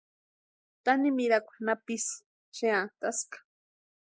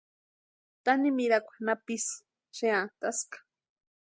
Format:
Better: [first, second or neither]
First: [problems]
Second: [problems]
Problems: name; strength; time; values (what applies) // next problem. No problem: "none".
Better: second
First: noise reduction (neural mask model Resemble Enhance denoiser)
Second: none